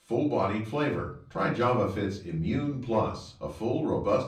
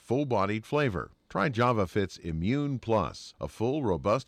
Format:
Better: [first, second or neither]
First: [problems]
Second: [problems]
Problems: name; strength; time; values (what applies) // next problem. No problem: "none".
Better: second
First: off-mic speech; far // room echo; slight; dies away in 0.4 s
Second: none